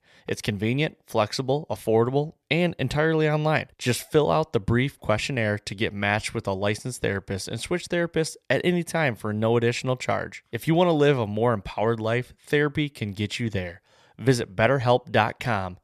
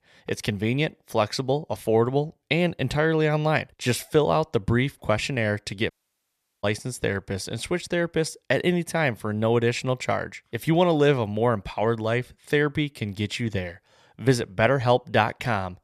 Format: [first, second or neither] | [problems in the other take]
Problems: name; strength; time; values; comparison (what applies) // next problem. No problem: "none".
first | audio cutting out; at 6 s for 0.5 s